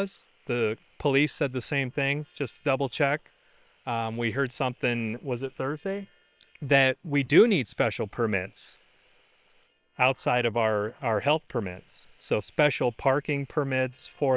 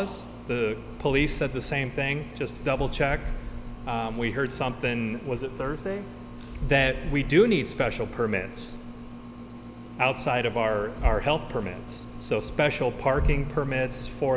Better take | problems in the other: second | noise reduction (neural separator model SepFormer WHAM!)

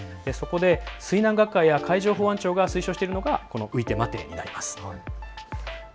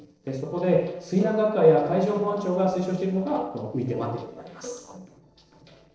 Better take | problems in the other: first | noise reduction (neural separator model SepFormer DNS4)

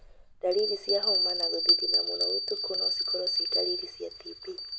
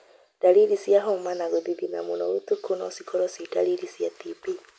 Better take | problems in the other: second | background sound (Bell); 5 dB above the speech

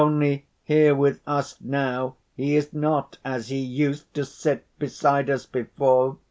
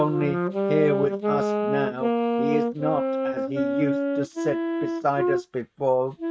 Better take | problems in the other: first | noise reduction (neural mask model RNNoise)

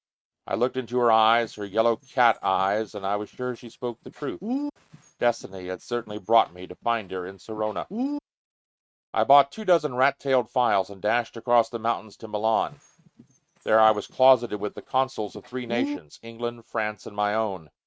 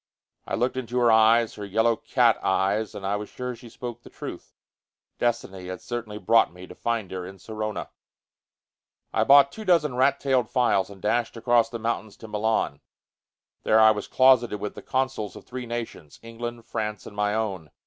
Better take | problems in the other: second | noise reduction (neural mask model RNNoise)

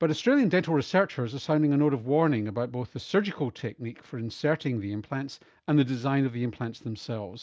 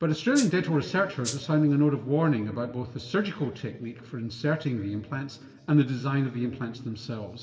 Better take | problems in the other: first | background sound (Rattle (instrument)); 9 dB below the speech // room echo; dies away in 1.7 s

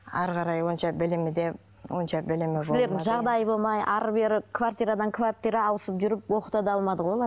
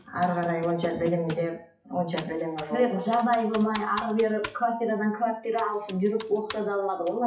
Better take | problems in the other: first | noise reduction (classical method WPE with log-MMSE)

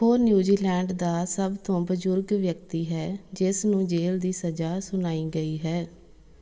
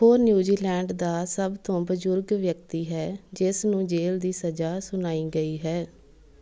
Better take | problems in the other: second | room echo; dies away in 0.3 s

